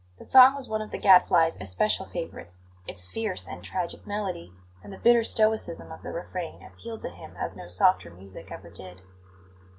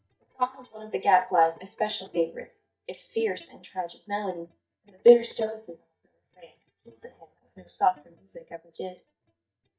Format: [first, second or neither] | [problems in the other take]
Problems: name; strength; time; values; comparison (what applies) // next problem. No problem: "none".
first | noise reduction (neural mask model DeepFilterNet 3)